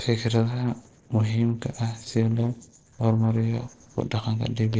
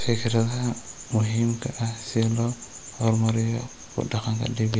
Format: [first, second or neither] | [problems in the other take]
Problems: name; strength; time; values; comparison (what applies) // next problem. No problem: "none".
second | noise reduction (neural separator model SepFormer DNS4)